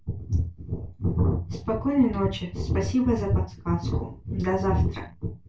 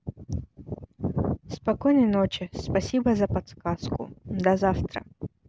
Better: second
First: room echo; dies away in 0.2 s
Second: none

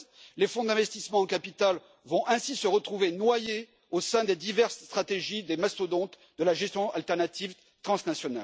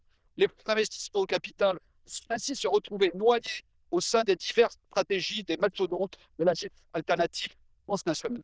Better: first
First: none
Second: noise reduction (neural diffusion model UNIVERSE++)

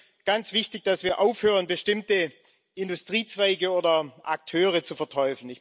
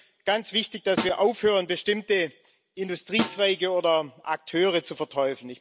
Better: first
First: none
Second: background sound (Snare drum); 10 dB below the speech

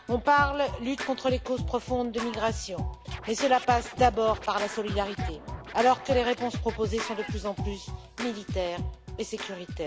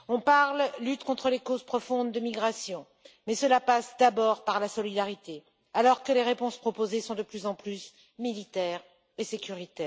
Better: second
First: background sound (Scratching (performance technique)); 7 dB below the speech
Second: none

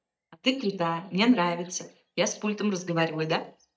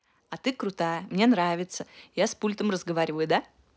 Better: second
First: noise reduction (neural mask model DeepFilterNet 3)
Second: none

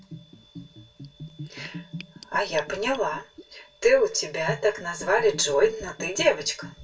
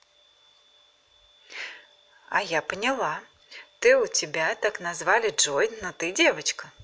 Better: second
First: background sound (Bathtub (filling or washing) / Gurgling); 16 dB below the speech // room echo; dies away in 0.2 s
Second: none

